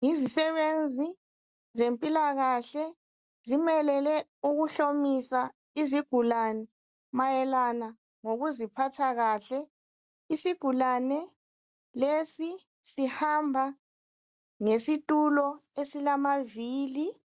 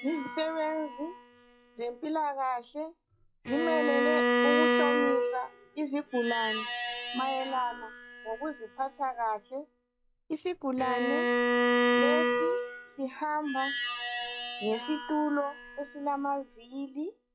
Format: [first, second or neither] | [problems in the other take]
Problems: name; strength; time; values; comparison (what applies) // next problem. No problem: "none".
first | noise reduction (classical method log-MMSE)